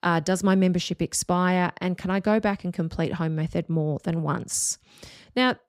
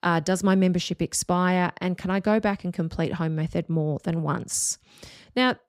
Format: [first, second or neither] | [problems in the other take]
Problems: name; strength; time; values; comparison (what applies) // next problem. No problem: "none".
neither | none